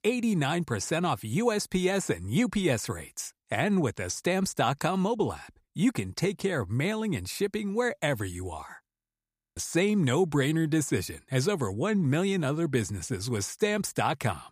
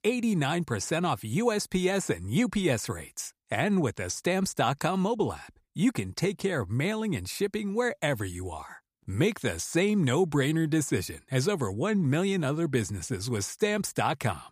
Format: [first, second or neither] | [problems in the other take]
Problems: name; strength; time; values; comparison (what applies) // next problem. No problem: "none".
second | audio freezing; at 9 s for 0.5 s